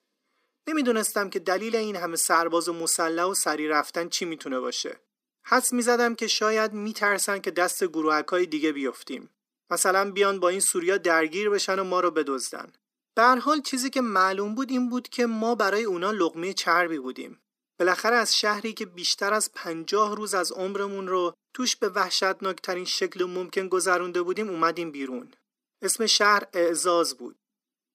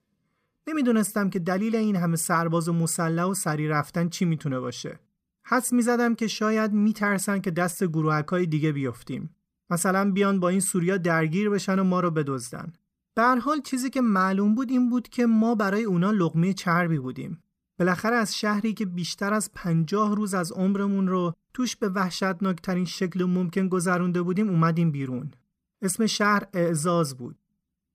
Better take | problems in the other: second | thin; somewhat; fading below 250 Hz

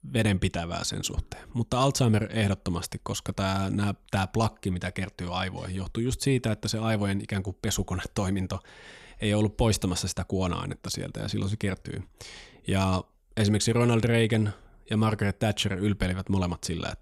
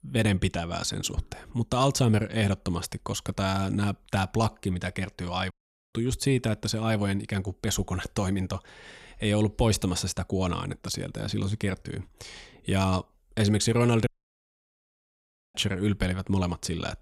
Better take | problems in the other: first | audio cutting out; at 5.5 s and at 14 s for 1.5 s

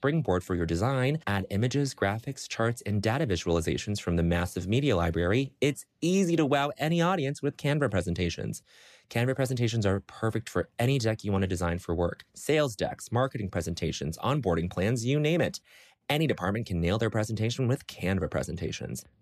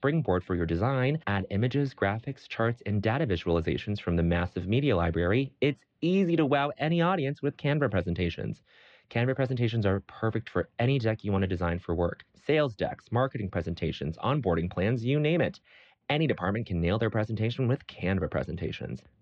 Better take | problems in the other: first | muffled; slightly; fading above 3.5 kHz

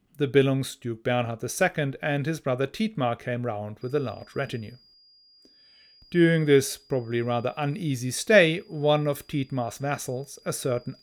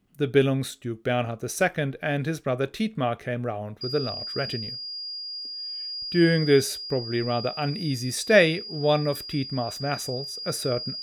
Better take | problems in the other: first | high-pitched whine; loud; from 4 s on; 5 kHz, 7 dB below the speech; faint in the first

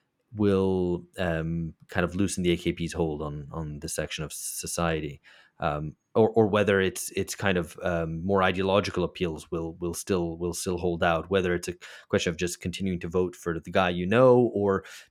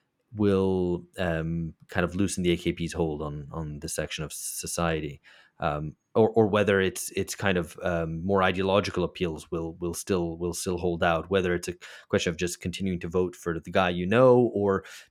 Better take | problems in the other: neither | none

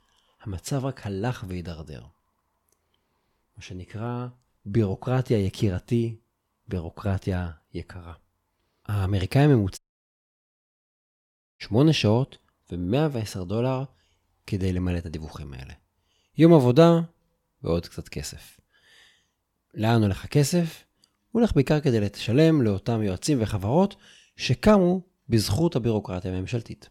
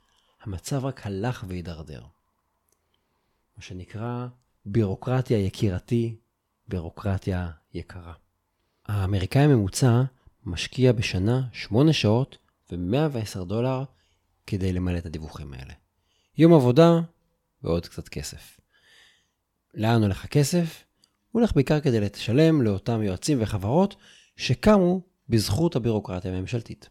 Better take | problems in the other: second | audio cutting out; at 10 s for 2 s

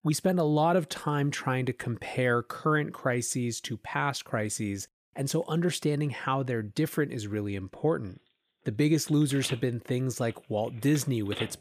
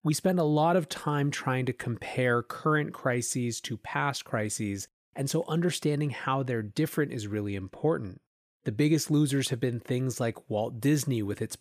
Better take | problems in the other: second | phone ringing; noticeable; from 9 s on; peak 8 dB below the speech

